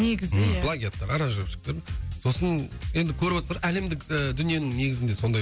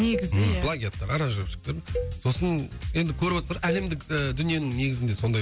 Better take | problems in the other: first | background sound (Cowbell); 14 dB below the speech

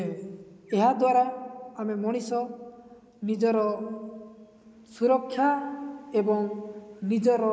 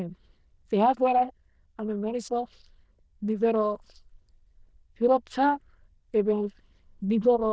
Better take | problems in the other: first | noise reduction (neural diffusion model UNIVERSE++)

